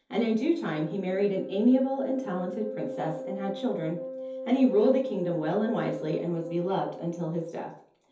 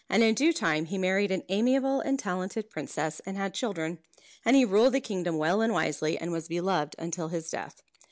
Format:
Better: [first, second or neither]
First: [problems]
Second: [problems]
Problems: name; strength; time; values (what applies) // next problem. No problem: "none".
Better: second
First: background sound (Wind instrument, woodwind instrument); 11 dB below the speech // room echo; dies away in 0.5 s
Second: none